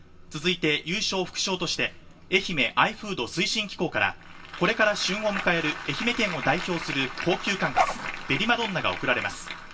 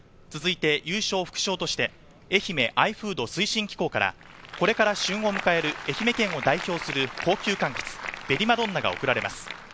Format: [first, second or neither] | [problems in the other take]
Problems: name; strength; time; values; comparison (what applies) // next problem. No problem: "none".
second | background sound (Dog); 2 dB below the speech // room echo; dies away in 0.2 s